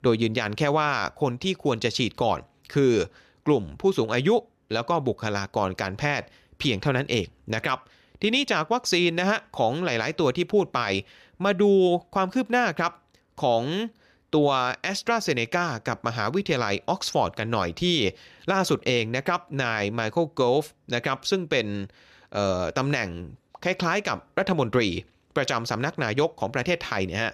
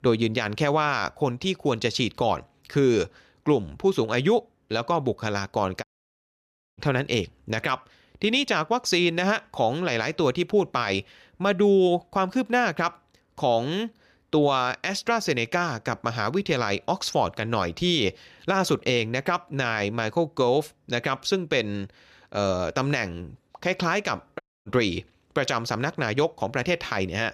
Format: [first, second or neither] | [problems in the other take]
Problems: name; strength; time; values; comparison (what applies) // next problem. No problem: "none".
first | audio cutting out; at 6 s for 1 s and at 24 s